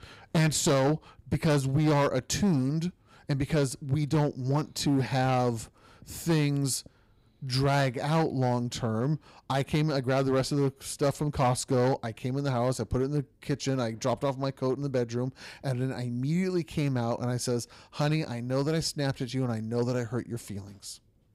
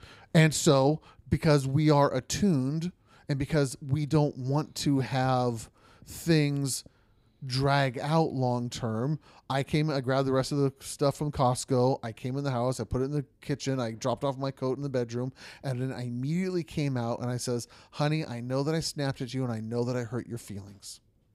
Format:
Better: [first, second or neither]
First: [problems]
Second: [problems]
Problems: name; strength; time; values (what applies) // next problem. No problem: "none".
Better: second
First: distortion; slight; 5% of the sound clipped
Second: none